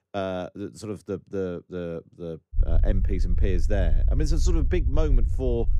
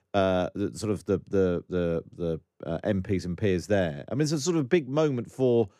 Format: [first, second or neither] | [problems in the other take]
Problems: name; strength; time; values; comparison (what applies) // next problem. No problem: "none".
second | low rumble; noticeable; from 2.5 s on; 15 dB below the speech